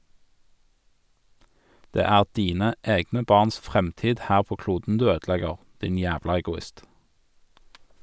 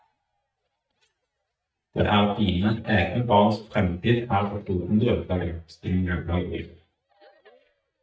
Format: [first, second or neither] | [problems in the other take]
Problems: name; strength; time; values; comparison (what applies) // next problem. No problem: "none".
first | noise reduction (neural mask model DeepFilterNet 3)